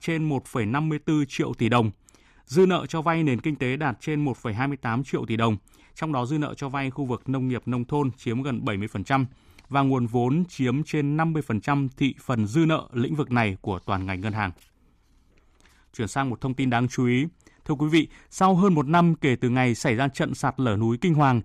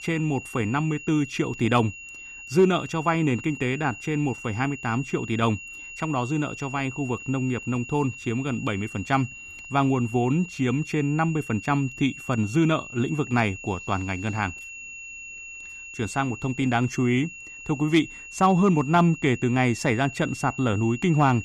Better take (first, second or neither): first